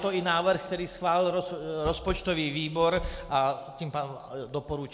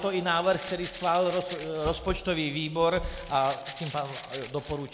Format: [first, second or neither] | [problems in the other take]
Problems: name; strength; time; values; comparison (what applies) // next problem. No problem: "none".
first | background sound (Rattle (instrument)); 16 dB below the speech